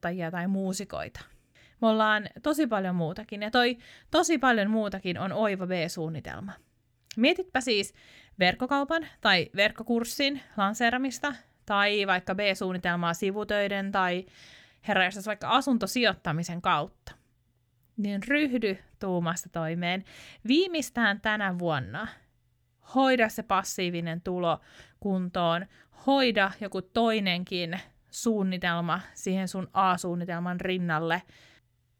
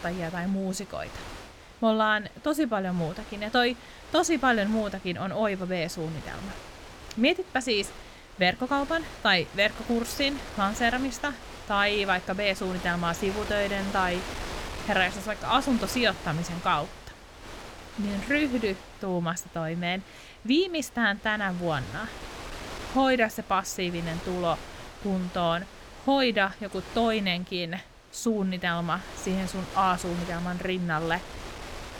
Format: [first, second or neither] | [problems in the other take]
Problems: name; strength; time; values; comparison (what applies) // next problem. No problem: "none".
first | wind noise on the microphone; occasional gusts; 15 dB below the speech